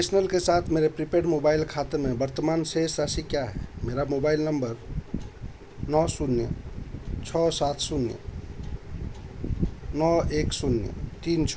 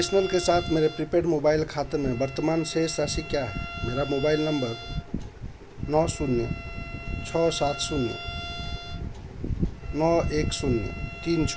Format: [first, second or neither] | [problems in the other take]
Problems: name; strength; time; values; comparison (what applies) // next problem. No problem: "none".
first | background sound (Bowed string instrument); 14 dB below the speech